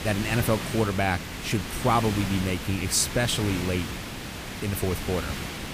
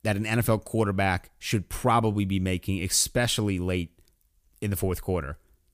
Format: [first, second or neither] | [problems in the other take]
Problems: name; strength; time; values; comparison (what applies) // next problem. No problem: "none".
second | hiss; loud; throughout; 6 dB below the speech